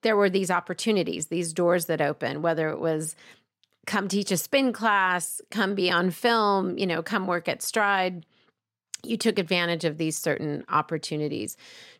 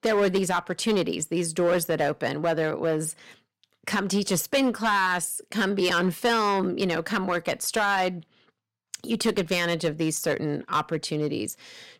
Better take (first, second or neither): first